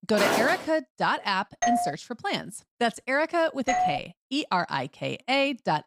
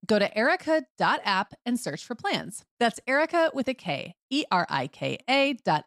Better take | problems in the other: second | footsteps; loud; at the start; peak 2 dB above the speech // doorbell; loud; at 1.5 s and at 3.5 s; peak 2 dB above the speech

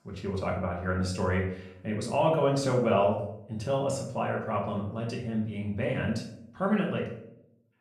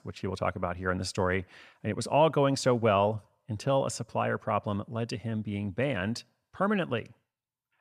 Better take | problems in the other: second | room echo; noticeable; dies away in 0.6 s // off-mic speech; far

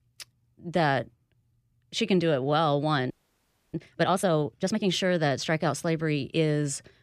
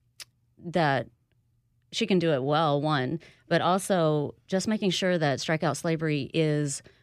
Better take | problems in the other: second | audio freezing; at 3 s for 0.5 s

